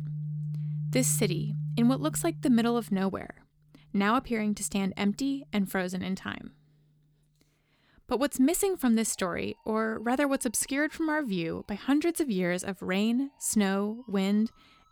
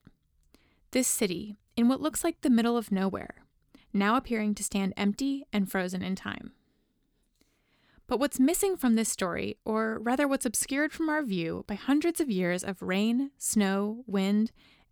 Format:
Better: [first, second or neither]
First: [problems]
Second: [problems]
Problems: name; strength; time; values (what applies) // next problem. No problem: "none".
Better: second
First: background music; loud; throughout; 6 dB below the speech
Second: none